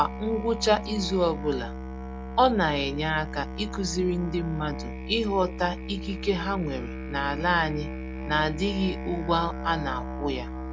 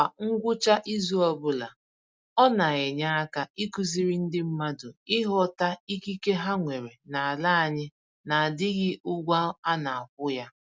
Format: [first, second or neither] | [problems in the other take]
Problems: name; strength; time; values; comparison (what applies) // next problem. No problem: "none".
second | background sound (Musical instrument); 7 dB below the speech